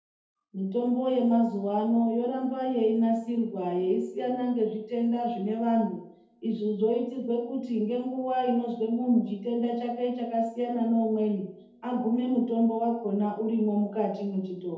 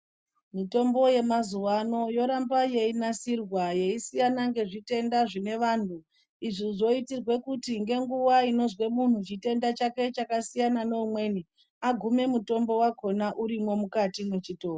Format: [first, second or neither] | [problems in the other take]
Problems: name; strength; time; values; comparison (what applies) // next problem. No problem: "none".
second | room echo; dies away in 2.1 s